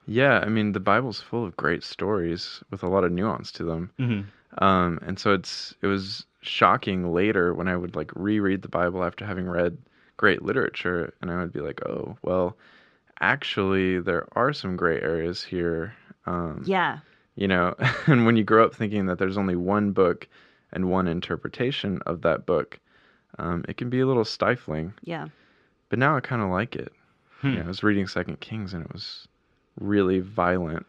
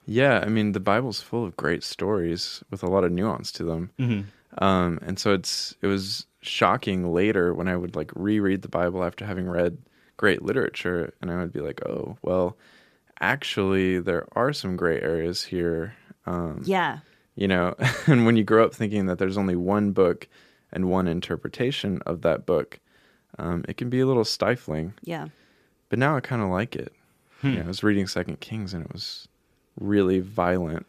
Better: second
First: muffled; very slightly; fading above 3.5 kHz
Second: none

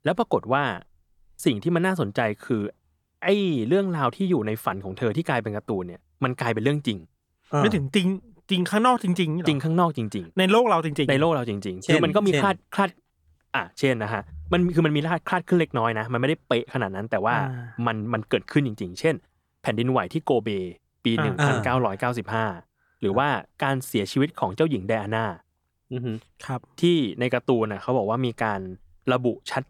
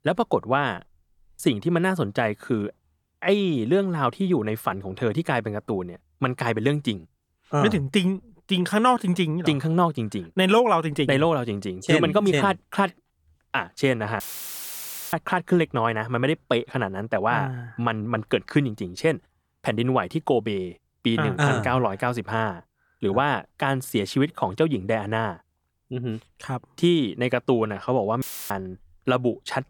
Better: first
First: none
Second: audio cutting out; filled with static; at 14 s for 1 s and at 28 s

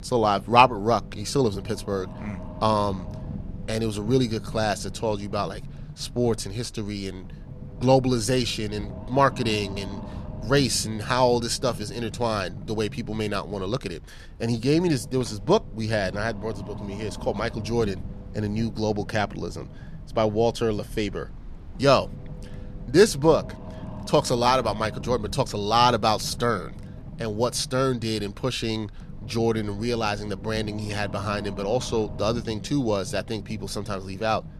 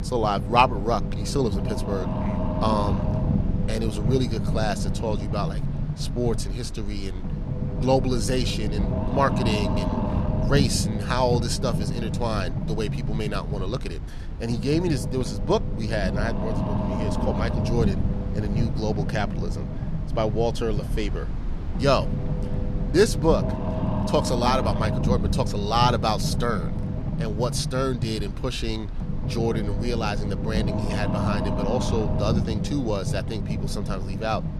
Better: first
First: low rumble; faint; throughout; 20 dB below the speech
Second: low rumble; loud; throughout; 7 dB below the speech

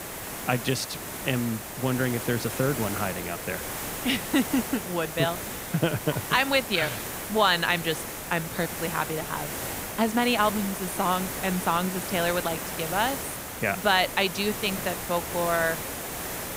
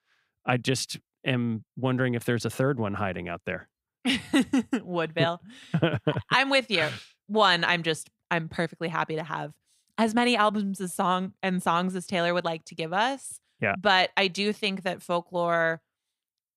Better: second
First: hiss; loud; throughout; 6 dB below the speech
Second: none

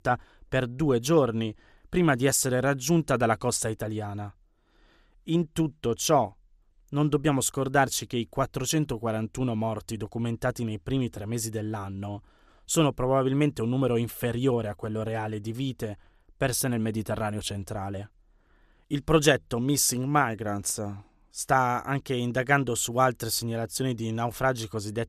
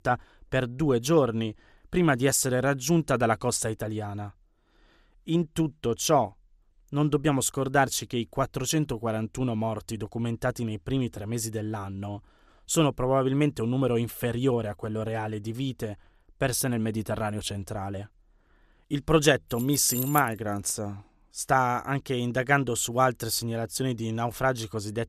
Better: first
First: none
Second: jangling keys; noticeable; at 20 s; peak 3 dB below the speech

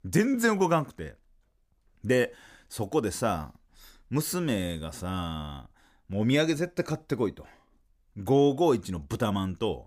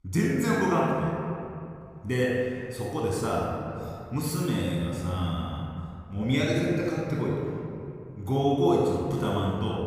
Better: first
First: none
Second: off-mic speech; far // room echo; strong; dies away in 2.7 s

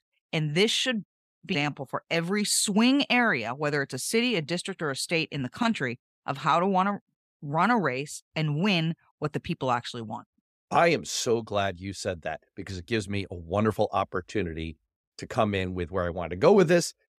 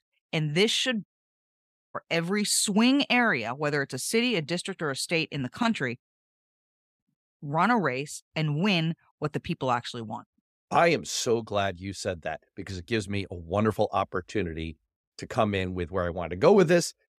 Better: first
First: none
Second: audio cutting out; at 1.5 s for 0.5 s and at 6 s for 1 s

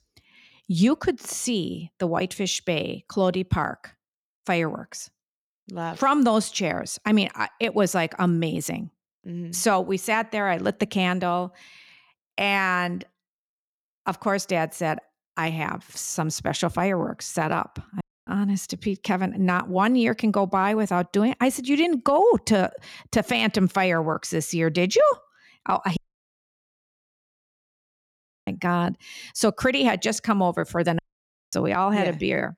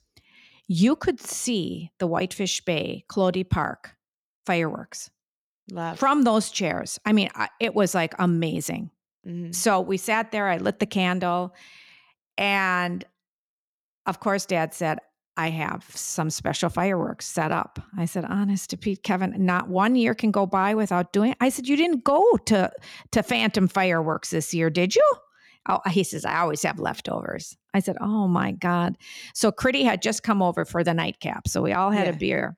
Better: second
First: audio cutting out; at 18 s, at 26 s for 2.5 s and at 31 s for 0.5 s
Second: none

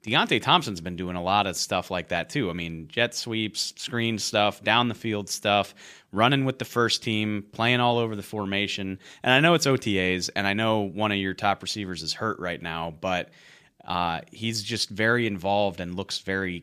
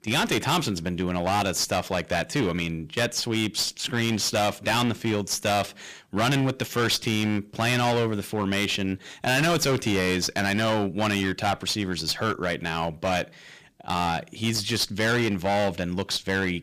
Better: first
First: none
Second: distortion; heavy; 18% of the sound clipped

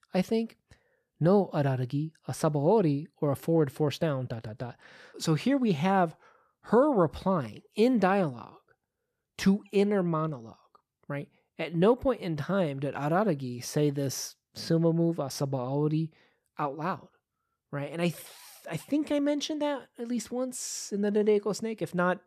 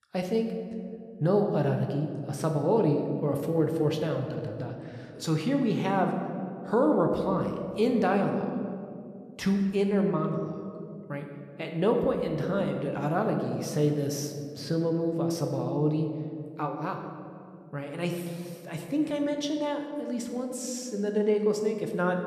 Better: first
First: none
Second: room echo; slight; dies away in 1.9 s

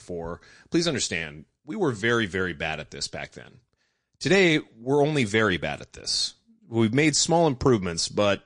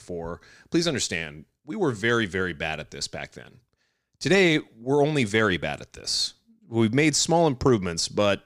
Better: second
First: garbled, watery; slightly; nothing above 8.5 kHz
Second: none

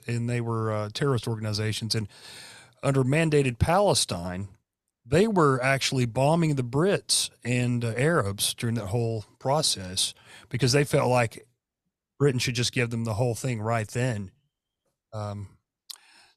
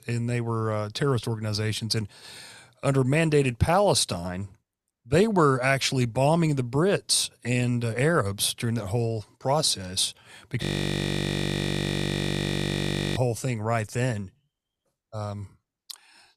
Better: first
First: none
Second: audio freezing; at 11 s for 2.5 s

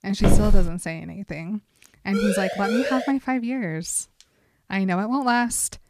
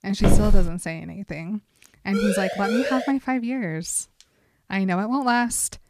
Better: neither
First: footsteps; loud; at the start; peak 4 dB above the speech // siren; noticeable; at 2 s; peak 1 dB below the speech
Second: footsteps; loud; at the start; peak 4 dB above the speech // siren; noticeable; at 2 s; peak 1 dB below the speech

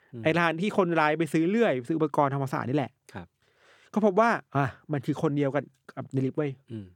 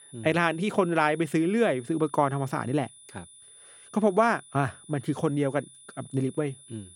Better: first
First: none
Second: high-pitched whine; faint; throughout; 10 kHz, 20 dB below the speech

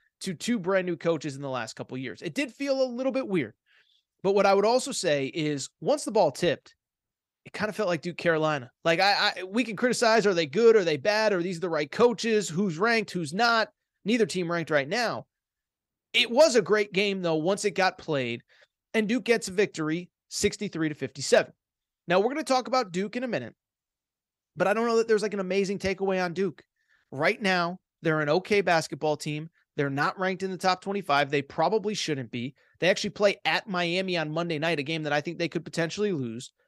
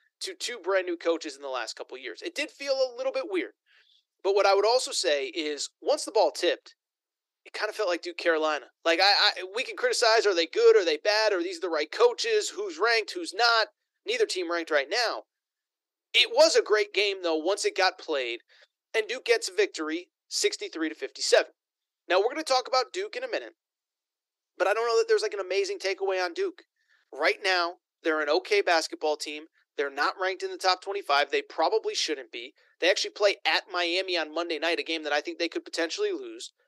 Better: first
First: none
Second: thin; very; fading below 300 Hz

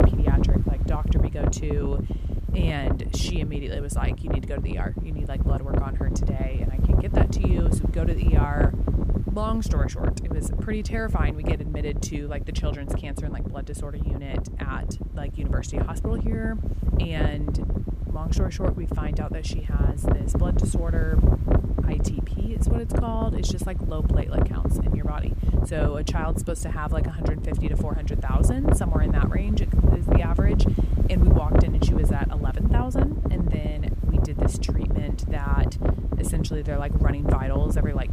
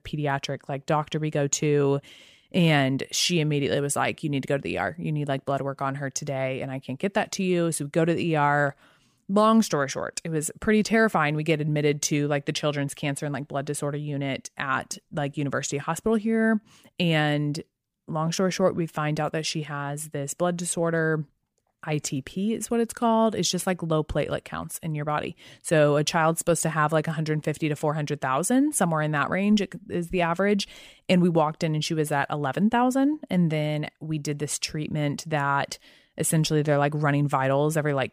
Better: second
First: wind noise on the microphone; heavy; as loud as the speech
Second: none

